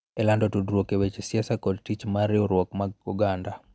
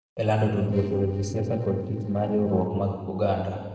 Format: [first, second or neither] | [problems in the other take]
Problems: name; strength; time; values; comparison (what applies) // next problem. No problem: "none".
first | noise reduction (neural separator model SepFormer DNS4)